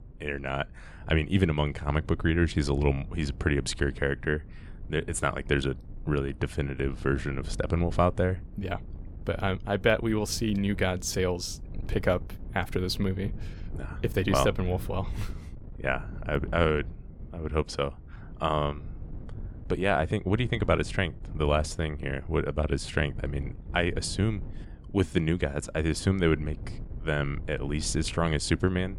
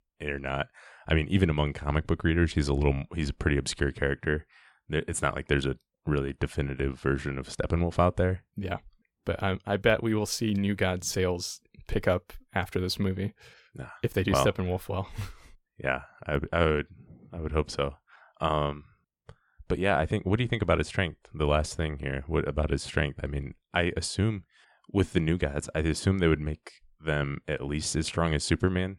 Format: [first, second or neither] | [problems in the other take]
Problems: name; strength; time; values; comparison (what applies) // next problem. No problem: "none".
second | wind noise on the microphone; occasional gusts; 25 dB below the speech